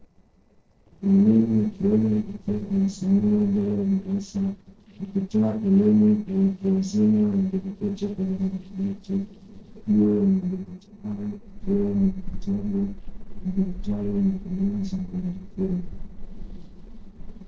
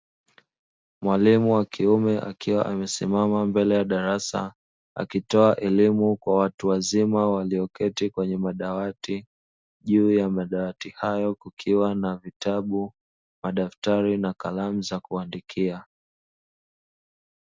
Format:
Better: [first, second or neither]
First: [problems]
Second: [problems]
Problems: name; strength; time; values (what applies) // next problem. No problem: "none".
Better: second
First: noise reduction (neural separator model SepFormer DNS4)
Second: none